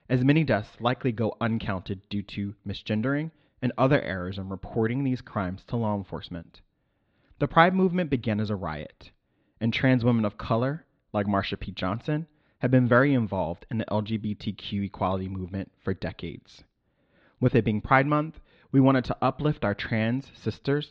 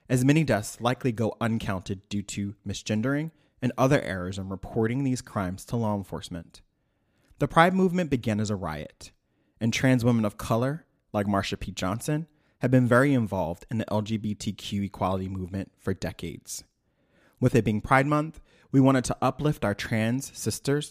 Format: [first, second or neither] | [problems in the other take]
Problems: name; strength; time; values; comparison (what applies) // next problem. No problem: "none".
second | muffled; slightly; fading above 4 kHz